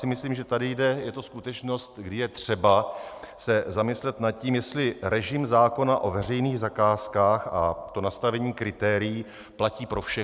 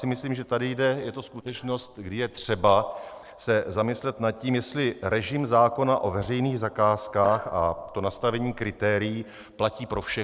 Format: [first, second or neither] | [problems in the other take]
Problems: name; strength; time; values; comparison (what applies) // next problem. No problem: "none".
first | noise reduction (neural separator model SepFormer DNS4)